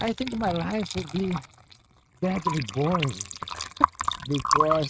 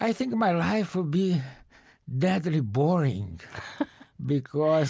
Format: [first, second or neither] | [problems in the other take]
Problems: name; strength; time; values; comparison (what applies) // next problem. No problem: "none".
second | noise reduction (neural mask model RNNoise)